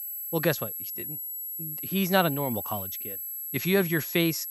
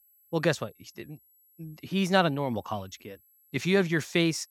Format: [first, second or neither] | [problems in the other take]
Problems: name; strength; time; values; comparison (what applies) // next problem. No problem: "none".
second | high-pitched whine; loud; throughout; 11.5 kHz, 5 dB below the speech; faint in the second